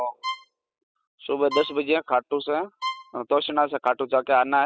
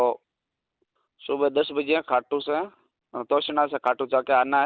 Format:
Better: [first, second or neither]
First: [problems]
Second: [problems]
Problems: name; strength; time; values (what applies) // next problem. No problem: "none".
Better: second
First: noise reduction (classical method spectral subtraction)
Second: none